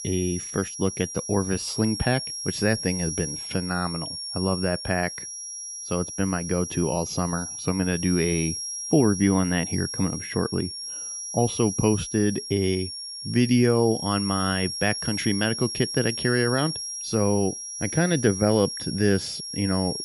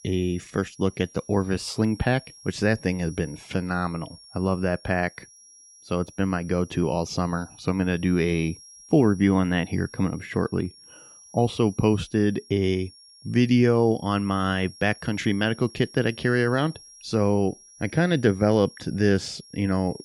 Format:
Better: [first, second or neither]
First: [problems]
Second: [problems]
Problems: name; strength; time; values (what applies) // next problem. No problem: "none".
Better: second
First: high-pitched whine; loud; throughout; 5.5 kHz, 6 dB below the speech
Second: high-pitched whine; faint; throughout; 5.5 kHz, 20 dB below the speech